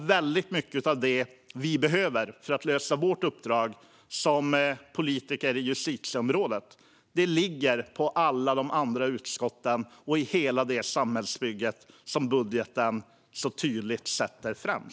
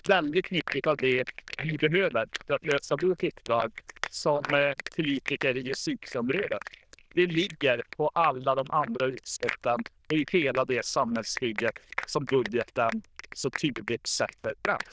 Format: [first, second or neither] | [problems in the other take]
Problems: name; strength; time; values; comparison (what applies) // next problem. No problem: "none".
first | noise reduction (neural diffusion model UNIVERSE++)